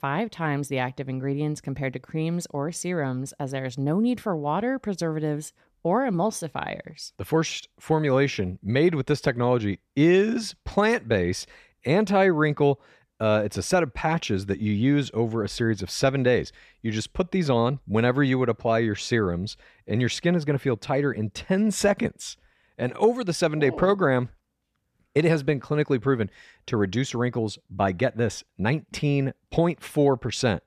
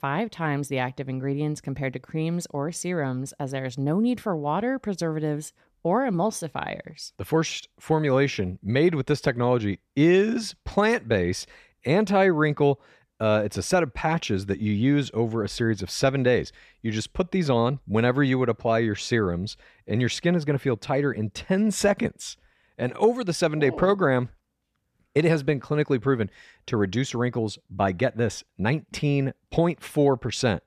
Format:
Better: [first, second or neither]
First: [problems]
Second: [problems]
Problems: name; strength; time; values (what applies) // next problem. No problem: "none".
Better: neither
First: none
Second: none